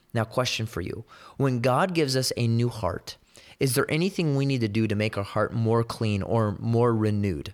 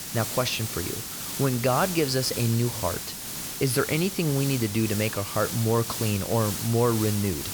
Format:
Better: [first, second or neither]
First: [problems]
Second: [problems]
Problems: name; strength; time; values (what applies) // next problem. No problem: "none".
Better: first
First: none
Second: hiss; loud; throughout; 5 dB below the speech